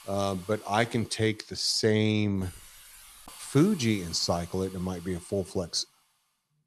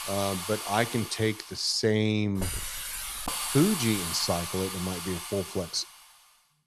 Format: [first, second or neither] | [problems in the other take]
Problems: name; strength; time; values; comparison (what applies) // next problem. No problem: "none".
first | hiss; loud; throughout; 5 dB below the speech; faint in the first